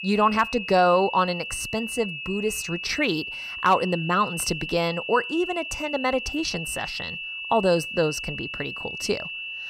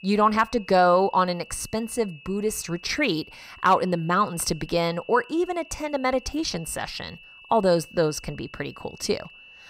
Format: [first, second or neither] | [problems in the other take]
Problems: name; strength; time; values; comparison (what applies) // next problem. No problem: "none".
second | high-pitched whine; loud; throughout; 2.5 kHz, 7 dB below the speech; faint in the second